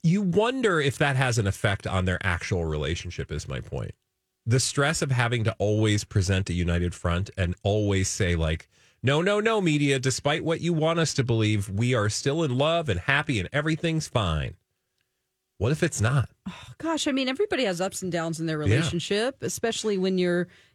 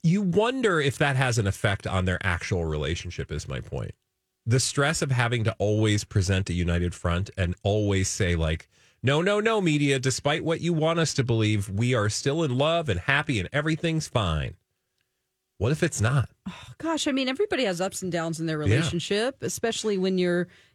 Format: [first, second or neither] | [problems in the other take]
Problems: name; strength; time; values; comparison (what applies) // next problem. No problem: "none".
neither | none